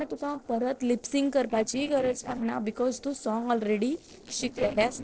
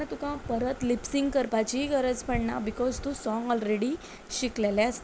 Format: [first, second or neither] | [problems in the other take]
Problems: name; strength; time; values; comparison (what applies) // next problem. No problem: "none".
second | noise reduction (neural separator model SepFormer DNS4)